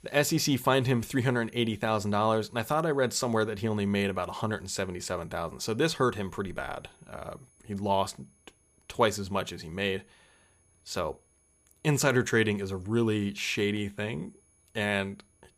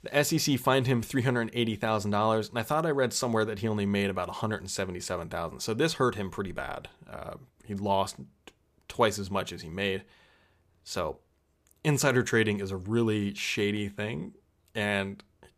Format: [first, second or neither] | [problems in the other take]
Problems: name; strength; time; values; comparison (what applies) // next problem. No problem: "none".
second | high-pitched whine; faint; throughout; 10 kHz, 35 dB below the speech